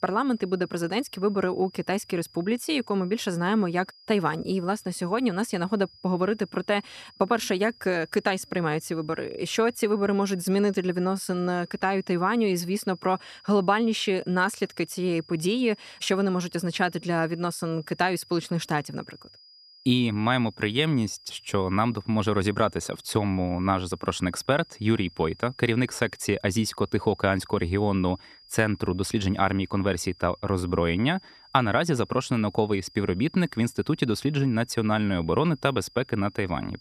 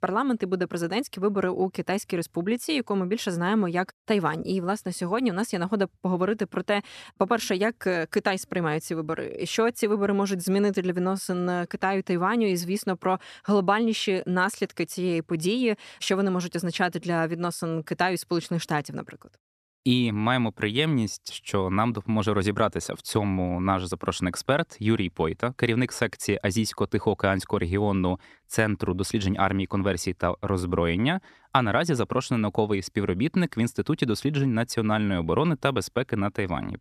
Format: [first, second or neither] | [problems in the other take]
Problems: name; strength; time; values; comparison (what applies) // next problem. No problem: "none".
second | high-pitched whine; faint; throughout; 5 kHz, 25 dB below the speech